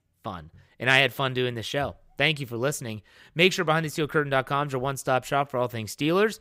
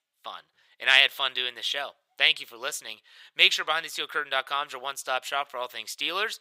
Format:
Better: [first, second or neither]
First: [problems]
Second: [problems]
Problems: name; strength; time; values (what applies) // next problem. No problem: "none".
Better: first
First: none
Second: thin; very; fading below 850 Hz